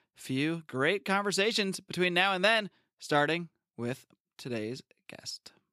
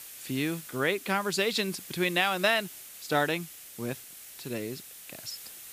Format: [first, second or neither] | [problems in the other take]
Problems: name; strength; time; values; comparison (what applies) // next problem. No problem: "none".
first | hiss; noticeable; throughout; 15 dB below the speech